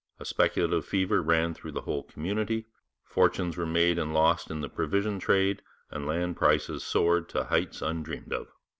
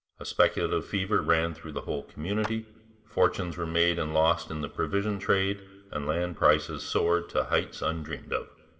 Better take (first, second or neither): first